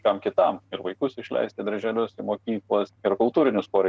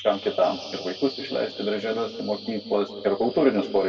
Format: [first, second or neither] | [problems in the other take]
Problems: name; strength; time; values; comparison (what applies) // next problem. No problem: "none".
first | background sound (Bird vocalization, bird call, bird song); 16 dB below the speech // room echo; dies away in 1.4 s